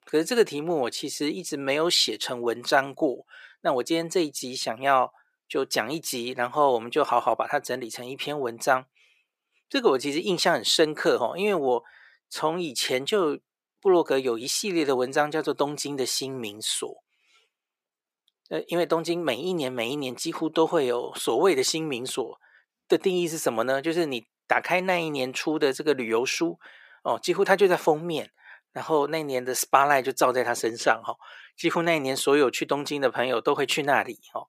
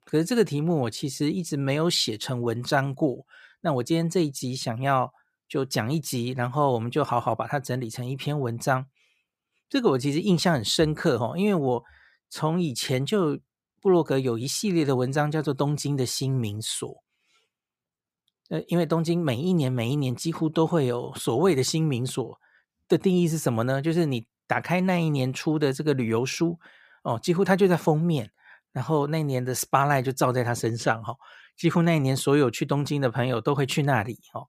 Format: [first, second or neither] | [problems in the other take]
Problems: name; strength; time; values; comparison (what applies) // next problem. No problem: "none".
second | thin; somewhat; fading below 400 Hz